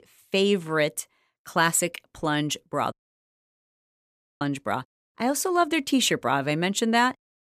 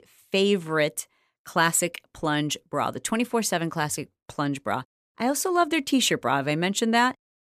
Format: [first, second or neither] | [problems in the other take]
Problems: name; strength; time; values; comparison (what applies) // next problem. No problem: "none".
second | audio cutting out; at 3 s for 1.5 s